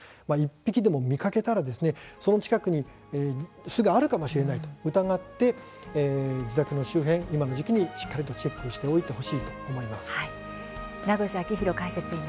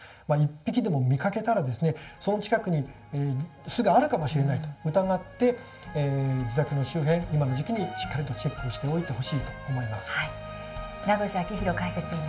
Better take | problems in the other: first | room echo; dies away in 0.4 s

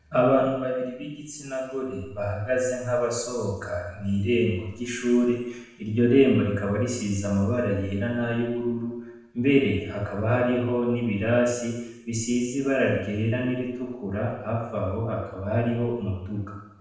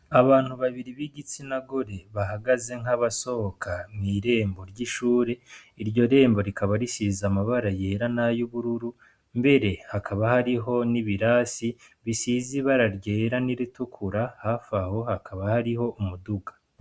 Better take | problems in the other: second | room echo; dies away in 1 s

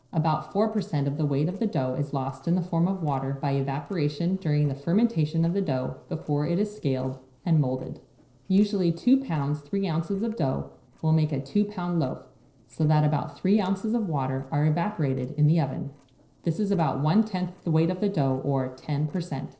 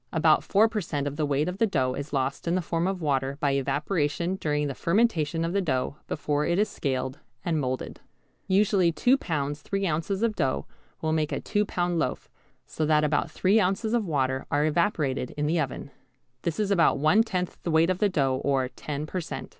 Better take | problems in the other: second | noise reduction (neural separator model SepFormer DNS4)

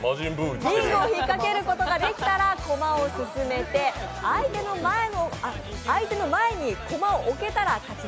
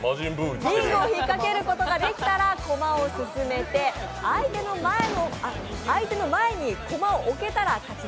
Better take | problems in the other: first | background sound (Fireworks); 17 dB below the speech

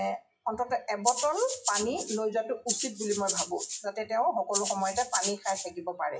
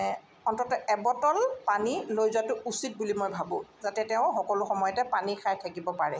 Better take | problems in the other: second | noise reduction (classical method WPE with log-MMSE)

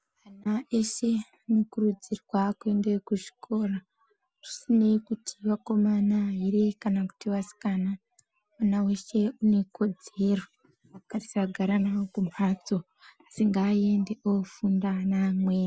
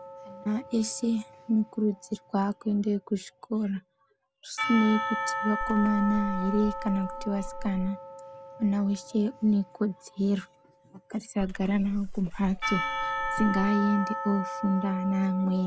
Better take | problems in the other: first | background sound (Church bell / Percussion + Water / Splash, splatter); 7 dB below the speech

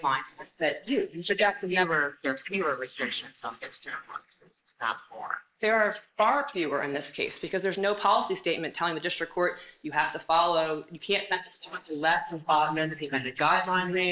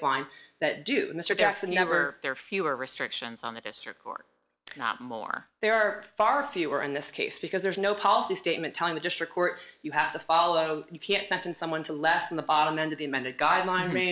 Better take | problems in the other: second | noise reduction (neural mask model Resemble Enhance denoiser)

